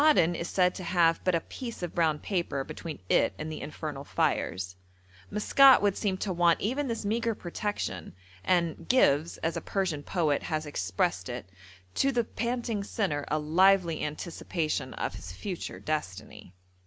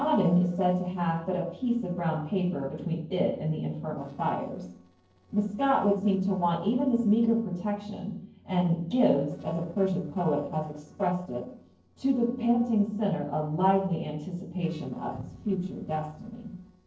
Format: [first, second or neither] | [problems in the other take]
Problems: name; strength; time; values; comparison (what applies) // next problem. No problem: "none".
first | noise reduction (neural separator model SepFormer DNS4)